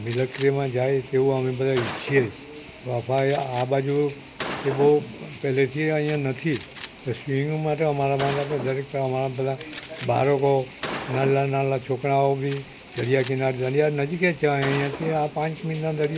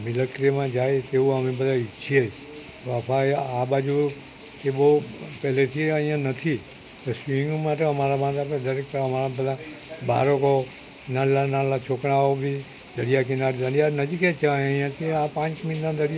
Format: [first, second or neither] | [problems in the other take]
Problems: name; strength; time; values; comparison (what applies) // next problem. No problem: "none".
second | background sound (Gunshot, gunfire); 15 dB below the speech